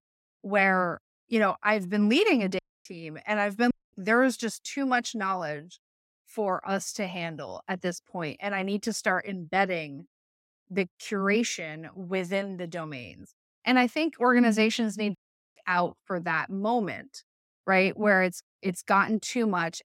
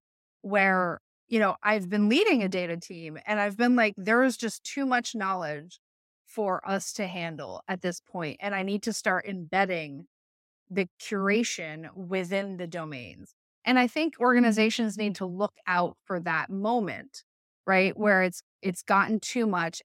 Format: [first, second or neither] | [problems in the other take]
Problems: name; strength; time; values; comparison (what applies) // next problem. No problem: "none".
second | audio cutting out; at 2.5 s, at 3.5 s and at 15 s